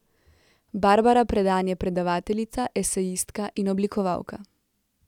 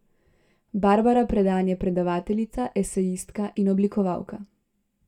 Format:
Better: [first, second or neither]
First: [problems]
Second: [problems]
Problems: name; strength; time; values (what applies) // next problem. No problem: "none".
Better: first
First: none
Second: room echo; dies away in 0.2 s